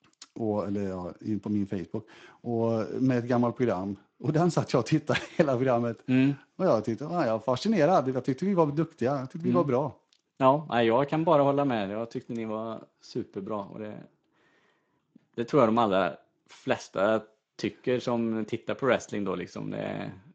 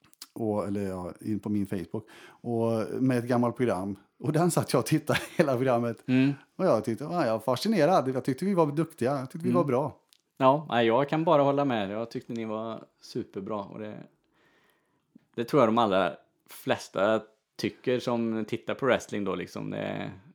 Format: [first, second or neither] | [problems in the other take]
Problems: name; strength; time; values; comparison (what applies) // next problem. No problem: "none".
second | garbled, watery; slightly; nothing above 7.5 kHz